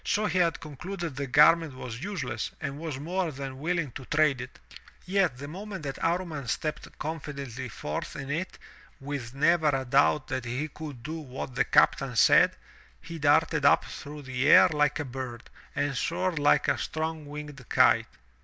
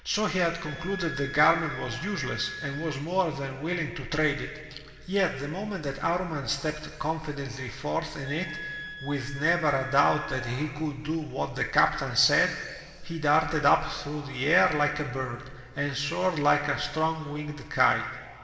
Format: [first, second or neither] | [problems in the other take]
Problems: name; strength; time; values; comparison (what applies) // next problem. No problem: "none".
first | background sound (Wind instrument, woodwind instrument); 12 dB below the speech // room echo; dies away in 2.2 s